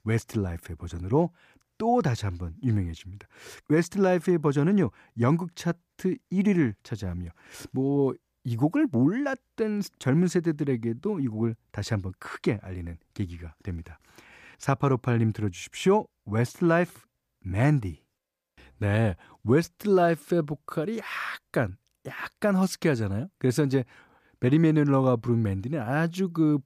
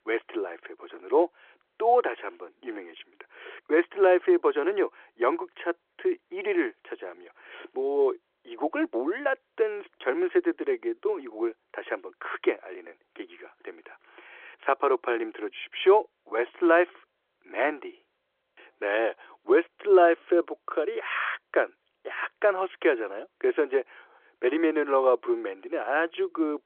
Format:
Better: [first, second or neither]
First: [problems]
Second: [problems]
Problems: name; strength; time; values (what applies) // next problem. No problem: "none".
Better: first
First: none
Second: phone-call audio